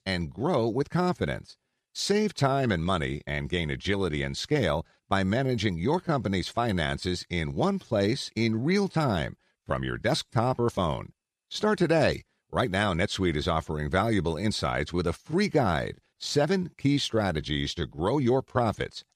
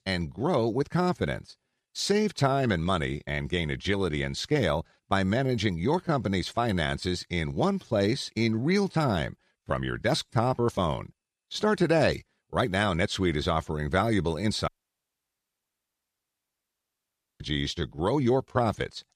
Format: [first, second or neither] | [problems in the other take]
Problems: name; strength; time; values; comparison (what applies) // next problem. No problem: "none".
first | audio cutting out; at 15 s for 2.5 s